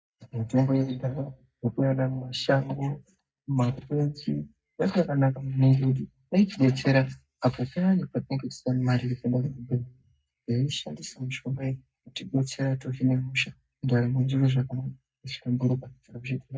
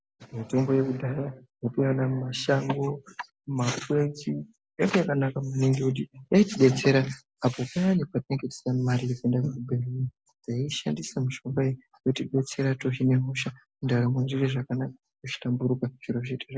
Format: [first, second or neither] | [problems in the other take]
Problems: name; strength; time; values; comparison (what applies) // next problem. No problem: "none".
second | noise reduction (neural mask model DeepFilterNet 3)